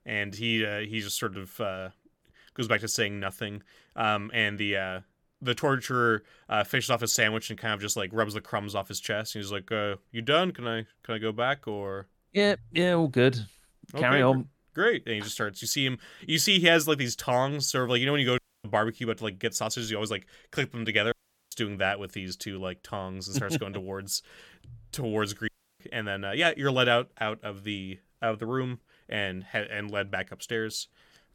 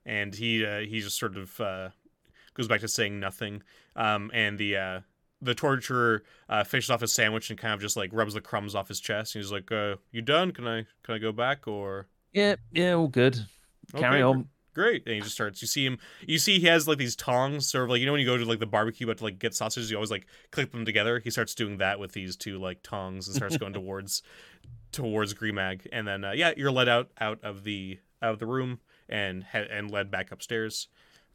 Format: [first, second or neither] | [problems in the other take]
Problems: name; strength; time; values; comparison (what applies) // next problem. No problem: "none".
second | audio cutting out; at 18 s, at 21 s and at 25 s